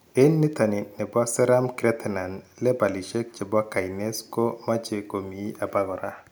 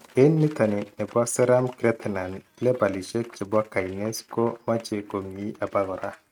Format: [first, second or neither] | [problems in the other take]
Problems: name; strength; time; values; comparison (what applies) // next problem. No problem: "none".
first | noise reduction (neural mask model RNNoise)